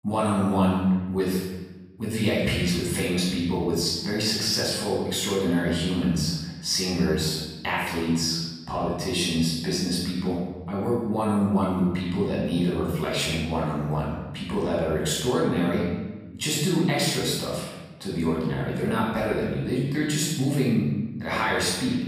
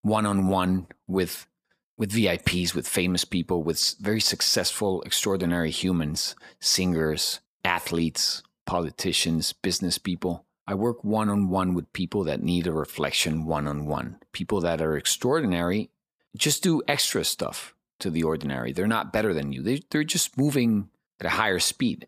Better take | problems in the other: second | off-mic speech; far // room echo; strong; dies away in 1.2 s

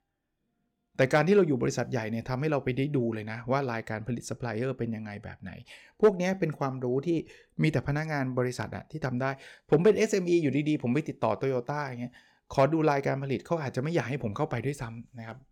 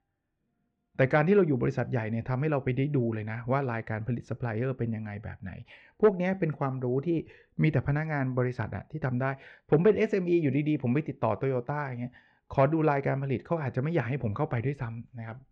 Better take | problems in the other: first | muffled; very; fading above 2 kHz

